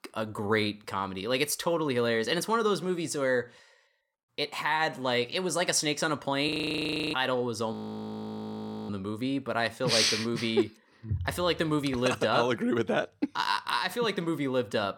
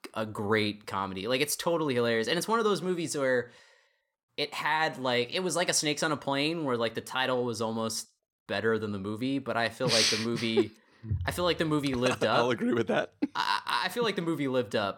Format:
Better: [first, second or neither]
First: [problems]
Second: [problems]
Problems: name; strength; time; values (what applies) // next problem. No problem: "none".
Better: second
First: audio freezing; at 6.5 s for 0.5 s and at 7.5 s for 1 s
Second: none